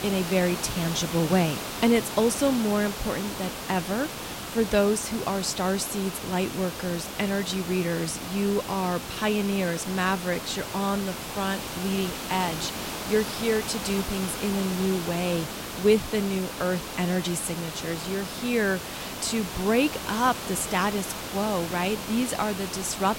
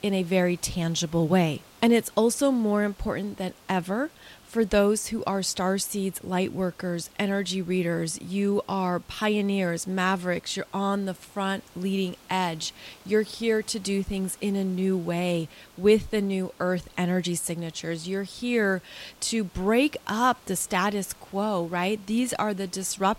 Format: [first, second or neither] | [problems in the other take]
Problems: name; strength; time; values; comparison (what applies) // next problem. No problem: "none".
second | hiss; loud; throughout; 6 dB below the speech; faint in the second